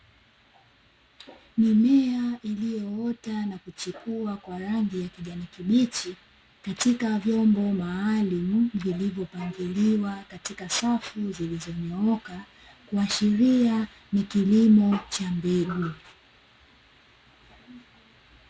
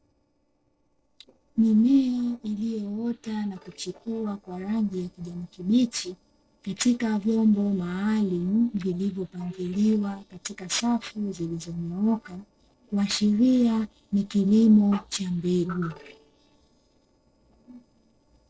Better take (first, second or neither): first